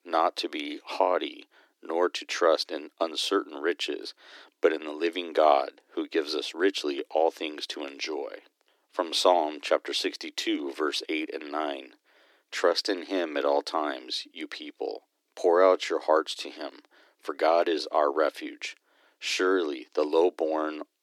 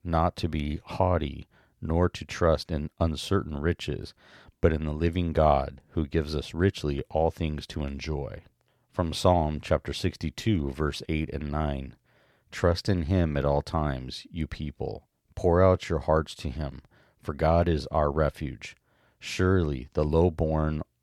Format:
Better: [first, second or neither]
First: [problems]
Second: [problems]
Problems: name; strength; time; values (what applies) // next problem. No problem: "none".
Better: second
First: thin; somewhat; fading below 300 Hz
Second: none